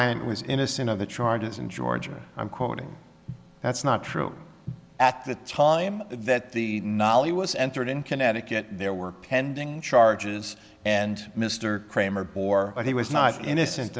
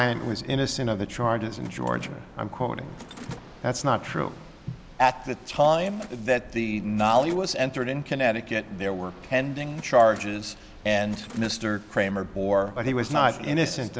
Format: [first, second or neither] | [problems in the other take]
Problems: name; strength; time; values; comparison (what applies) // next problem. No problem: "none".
first | background sound (Mechanisms + Waves, surf); 19 dB below the speech